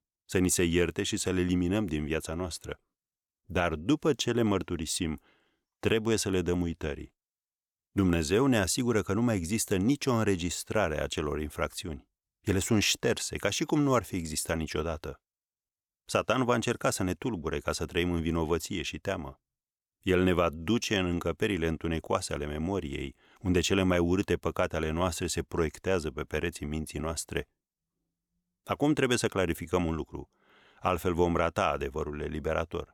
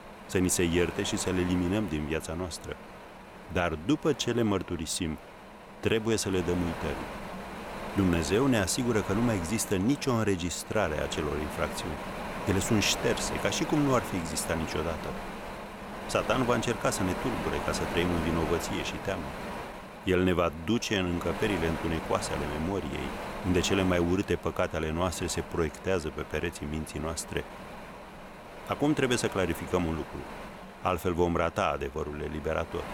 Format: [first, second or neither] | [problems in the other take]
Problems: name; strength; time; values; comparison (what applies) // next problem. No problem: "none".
first | wind noise on the microphone; heavy; 7 dB below the speech